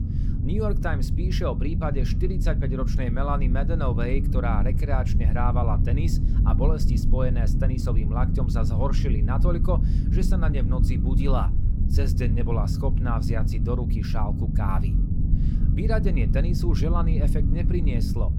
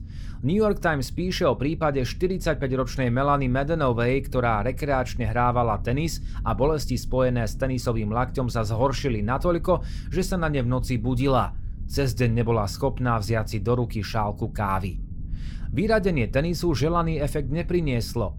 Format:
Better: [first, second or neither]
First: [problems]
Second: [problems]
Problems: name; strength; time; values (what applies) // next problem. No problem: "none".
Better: second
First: low rumble; loud; throughout; 5 dB below the speech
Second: low rumble; faint; throughout; 25 dB below the speech